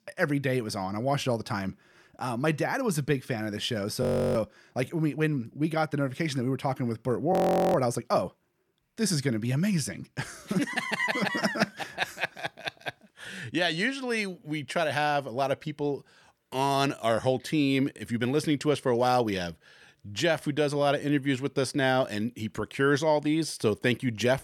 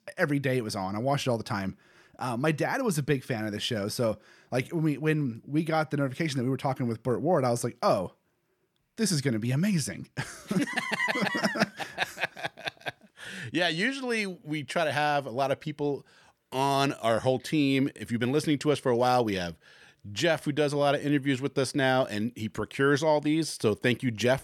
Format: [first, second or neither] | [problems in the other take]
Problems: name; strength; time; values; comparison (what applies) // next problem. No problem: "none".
second | audio freezing; at 4 s and at 7.5 s